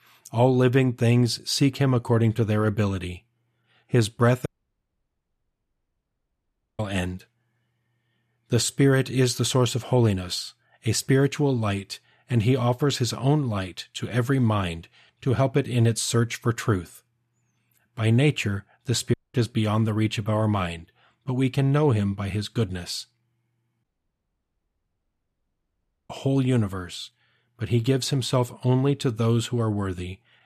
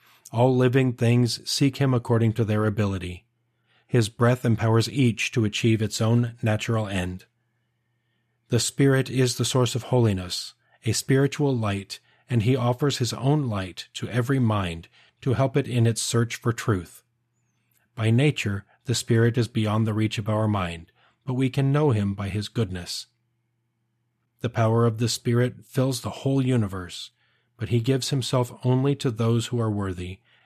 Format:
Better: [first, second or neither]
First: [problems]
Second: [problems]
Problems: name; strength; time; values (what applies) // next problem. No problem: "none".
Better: second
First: audio cutting out; at 4.5 s for 2.5 s, at 19 s and at 24 s for 2.5 s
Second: none